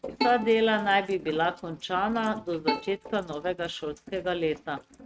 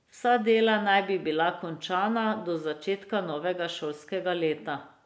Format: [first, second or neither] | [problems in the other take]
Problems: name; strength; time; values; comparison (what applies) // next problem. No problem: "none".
second | noise reduction (neural mask model RNNoise)